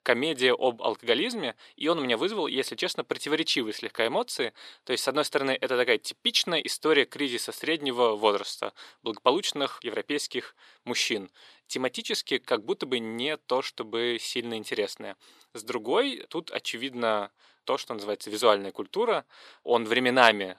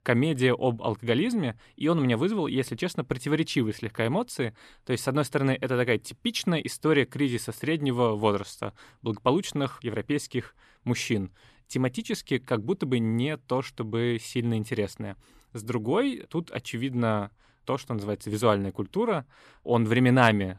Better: second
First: thin; somewhat; fading below 450 Hz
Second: none

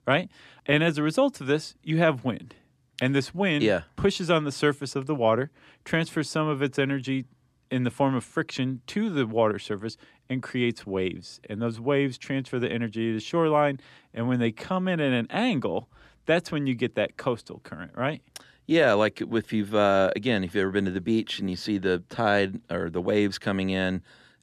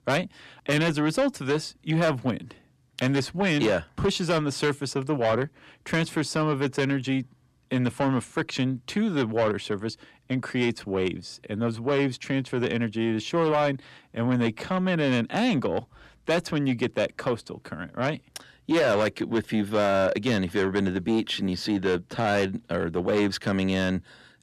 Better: first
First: none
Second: distortion; slight; 10 dB below the speech

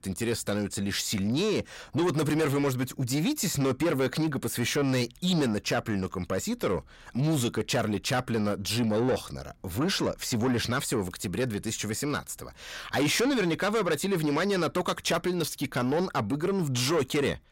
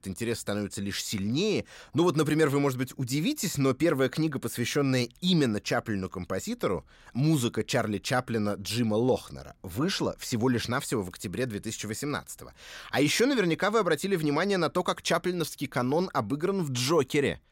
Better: second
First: distortion; slight; 10 dB below the speech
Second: none

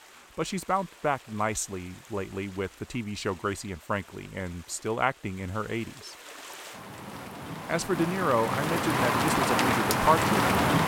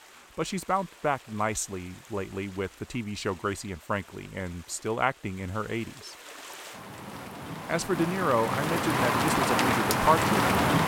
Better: neither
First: rain or running water; very loud; throughout; 3 dB above the speech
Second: rain or running water; very loud; throughout; 3 dB above the speech

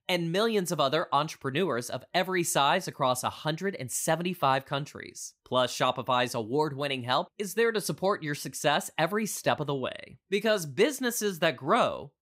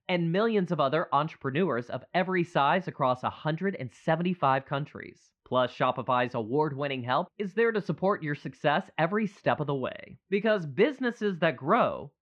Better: first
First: none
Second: muffled; very; fading above 2.5 kHz

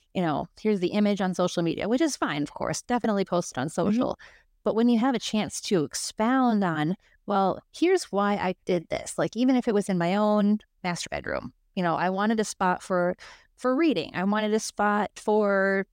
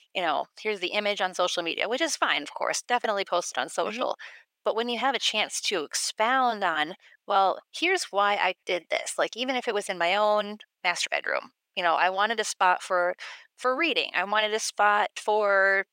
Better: first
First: none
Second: thin; very; fading below 650 Hz

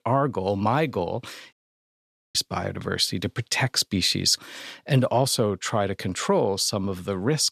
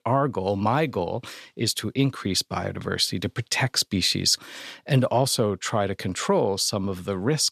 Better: second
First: audio cutting out; at 1.5 s for 1 s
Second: none

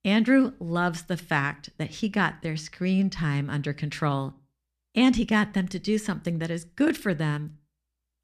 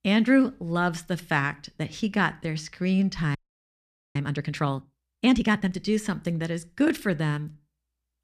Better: first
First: none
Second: audio freezing; at 3.5 s for 1 s

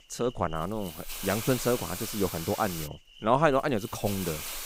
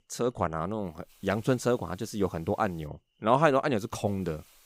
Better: second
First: hiss; loud; throughout; 8 dB below the speech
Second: hiss; faint; throughout; 30 dB below the speech

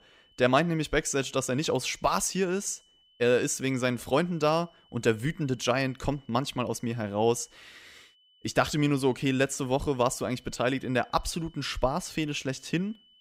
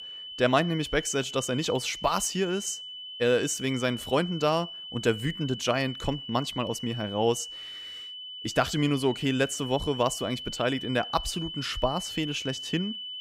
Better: first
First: high-pitched whine; faint; throughout; 3 kHz, 30 dB below the speech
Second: high-pitched whine; loud; throughout; 3 kHz, 9 dB below the speech

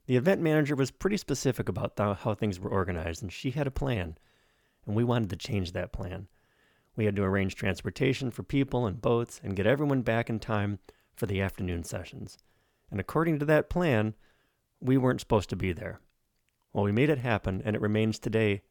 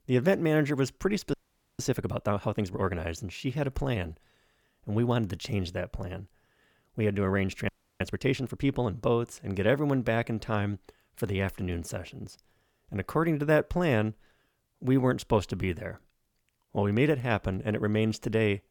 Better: first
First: none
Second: audio freezing; at 1.5 s and at 7.5 s

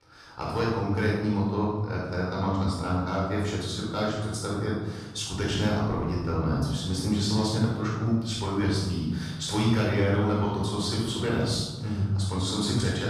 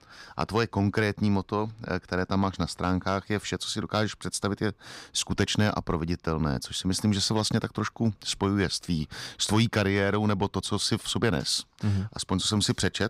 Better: second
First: room echo; strong; dies away in 1.5 s // off-mic speech; far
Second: none

